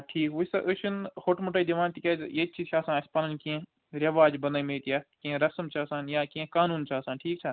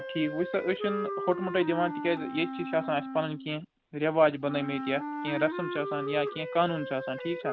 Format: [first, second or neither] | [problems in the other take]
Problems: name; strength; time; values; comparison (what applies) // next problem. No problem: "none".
first | background sound (Wind instrument, woodwind instrument); 6 dB below the speech